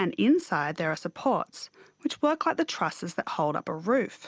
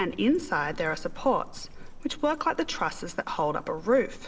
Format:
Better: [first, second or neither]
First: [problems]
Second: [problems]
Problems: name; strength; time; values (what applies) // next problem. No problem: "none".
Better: first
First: none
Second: background sound (Livestock, farm animals, working animals); 13 dB below the speech // room echo; dies away in 1 s